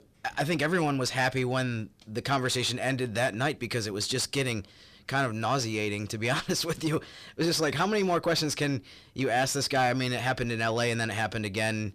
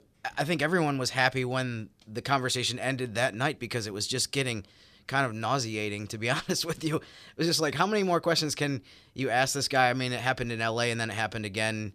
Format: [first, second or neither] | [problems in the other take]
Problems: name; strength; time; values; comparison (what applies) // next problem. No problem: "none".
second | distortion; slight; 10 dB below the speech